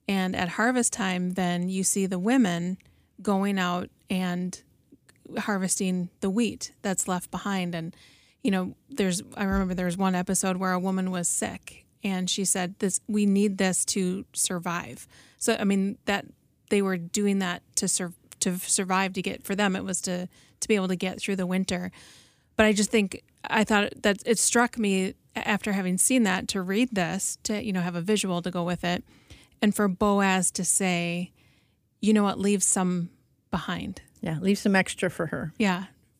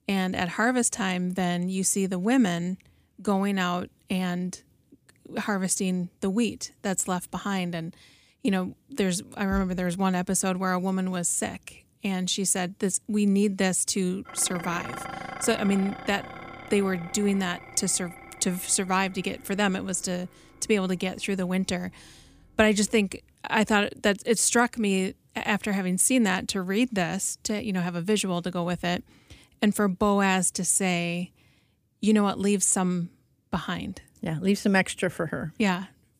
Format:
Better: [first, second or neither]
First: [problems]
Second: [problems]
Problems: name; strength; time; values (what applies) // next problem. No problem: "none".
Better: first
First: none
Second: clattering dishes; noticeable; from 14 to 22 s; peak 10 dB below the speech